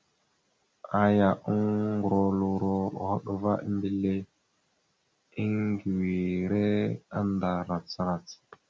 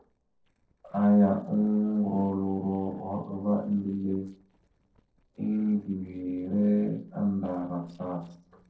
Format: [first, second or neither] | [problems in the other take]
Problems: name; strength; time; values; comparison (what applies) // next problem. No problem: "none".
first | noise reduction (neural separator model SepFormer DNS4)